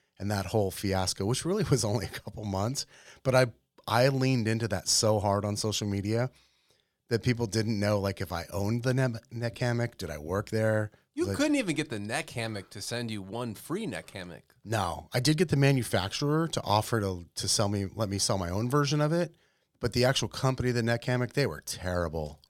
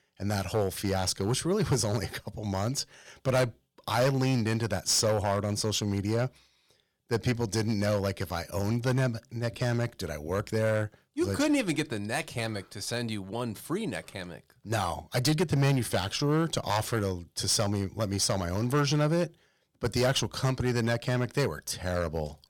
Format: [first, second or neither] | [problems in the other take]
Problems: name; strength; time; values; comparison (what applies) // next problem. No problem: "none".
first | distortion; slight; 5% of the sound clipped